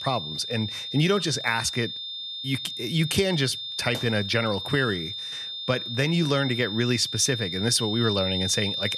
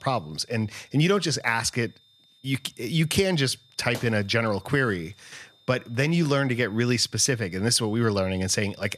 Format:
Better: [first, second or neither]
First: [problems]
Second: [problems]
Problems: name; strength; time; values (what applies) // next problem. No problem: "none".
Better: second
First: high-pitched whine; loud; throughout; 3.5 kHz, 5 dB below the speech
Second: high-pitched whine; faint; throughout; 3.5 kHz, 30 dB below the speech